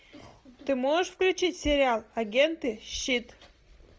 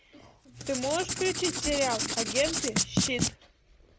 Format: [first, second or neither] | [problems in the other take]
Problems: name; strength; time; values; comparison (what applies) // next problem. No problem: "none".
first | background sound (Writing); 1 dB above the speech